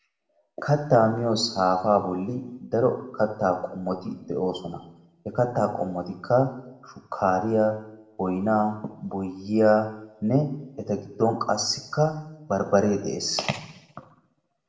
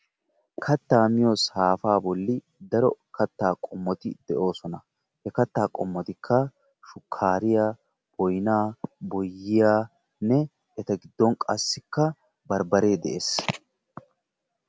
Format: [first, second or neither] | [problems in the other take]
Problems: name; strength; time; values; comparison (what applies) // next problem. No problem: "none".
second | room echo; dies away in 0.8 s